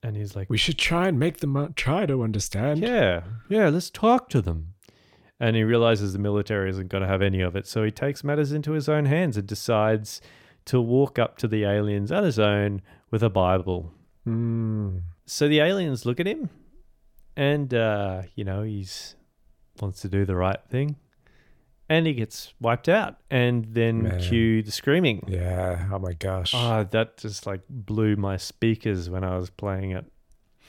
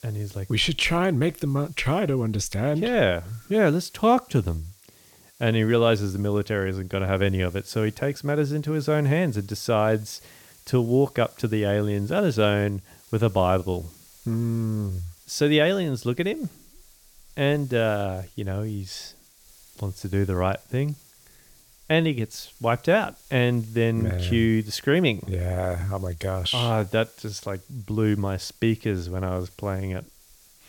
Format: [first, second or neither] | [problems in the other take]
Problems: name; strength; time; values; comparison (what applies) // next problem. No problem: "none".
first | hiss; faint; throughout; 25 dB below the speech